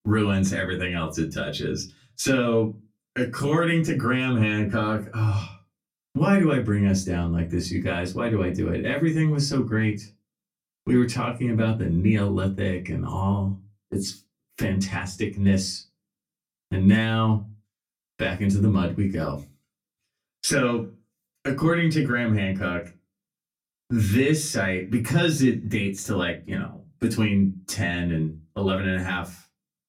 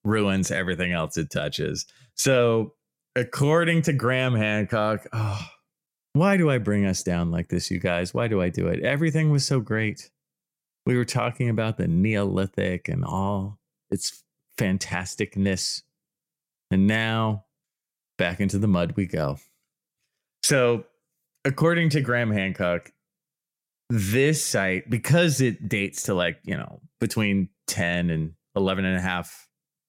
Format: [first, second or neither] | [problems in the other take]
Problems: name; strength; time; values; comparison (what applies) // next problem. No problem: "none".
second | off-mic speech; far // room echo; very slight; dies away in 0.2 s